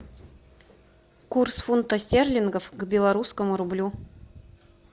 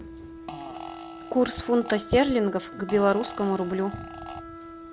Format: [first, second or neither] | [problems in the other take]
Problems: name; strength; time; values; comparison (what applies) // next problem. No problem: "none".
first | background sound (Fart + Wind instrument, woodwind instrument); 13 dB below the speech